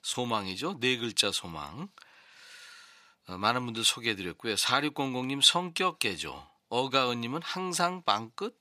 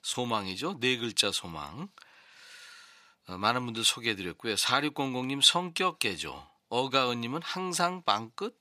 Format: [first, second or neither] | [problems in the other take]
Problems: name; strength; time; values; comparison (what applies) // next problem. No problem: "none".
neither | thin; somewhat; fading below 1 kHz; the same in both